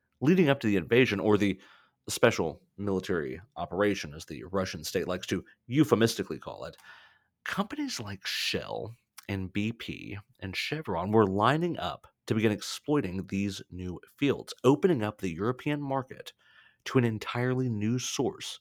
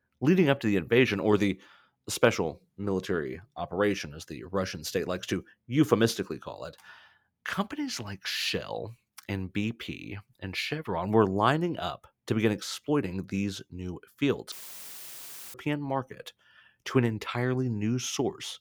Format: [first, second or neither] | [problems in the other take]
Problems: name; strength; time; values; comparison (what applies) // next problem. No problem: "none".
first | audio cutting out; filled with static; at 15 s for 1 s